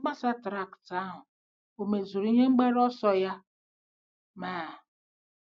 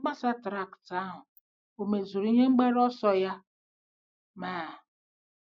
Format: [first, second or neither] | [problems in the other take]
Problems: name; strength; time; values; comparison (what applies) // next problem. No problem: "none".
first | noise reduction (neural mask model Resemble Enhance denoiser)